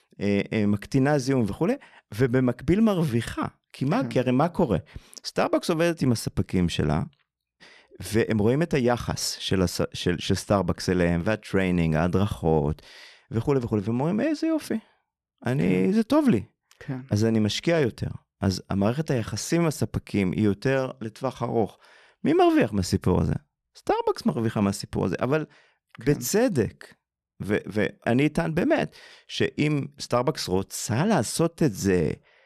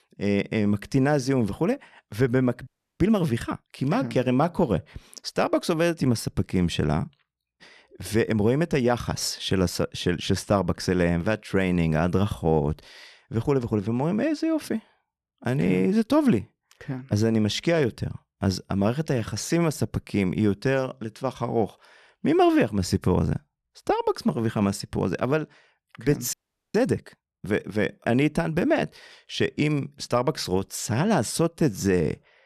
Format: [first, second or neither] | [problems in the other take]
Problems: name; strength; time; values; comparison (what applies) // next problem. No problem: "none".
first | audio freezing; at 2.5 s and at 26 s